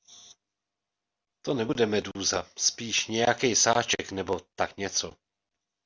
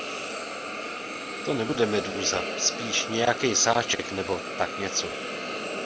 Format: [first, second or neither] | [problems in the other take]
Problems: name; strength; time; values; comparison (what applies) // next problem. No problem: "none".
first | background sound (Hiss); 5 dB below the speech